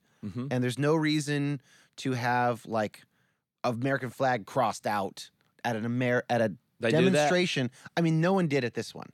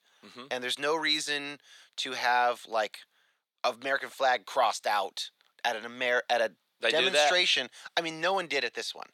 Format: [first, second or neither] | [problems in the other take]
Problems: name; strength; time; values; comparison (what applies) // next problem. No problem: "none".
first | thin; very; fading below 650 Hz